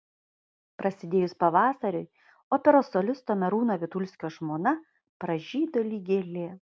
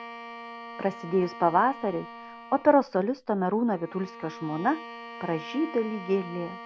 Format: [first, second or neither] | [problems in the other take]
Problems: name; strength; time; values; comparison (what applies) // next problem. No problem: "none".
first | background sound (Bowed string instrument); 14 dB below the speech